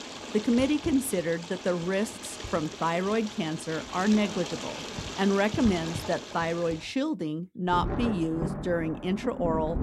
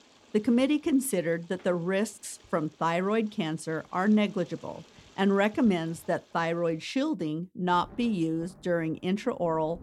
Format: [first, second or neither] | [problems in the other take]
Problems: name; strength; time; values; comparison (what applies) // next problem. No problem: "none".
second | rain or running water; loud; throughout; 8 dB below the speech; faint in the second